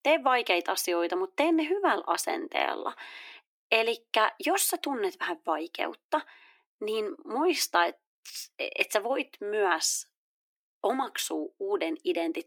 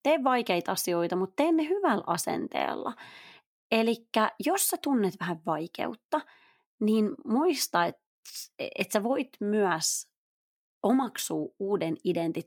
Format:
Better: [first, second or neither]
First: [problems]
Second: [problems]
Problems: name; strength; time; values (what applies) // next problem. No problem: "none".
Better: second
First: thin; somewhat; fading below 300 Hz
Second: none